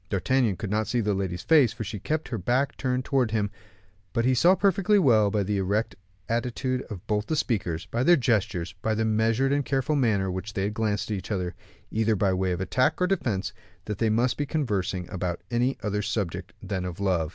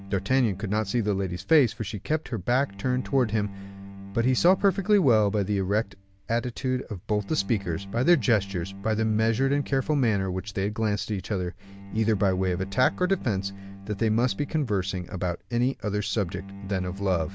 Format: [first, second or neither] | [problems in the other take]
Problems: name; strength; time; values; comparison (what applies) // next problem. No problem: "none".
first | background sound (Bowed string instrument); 16 dB below the speech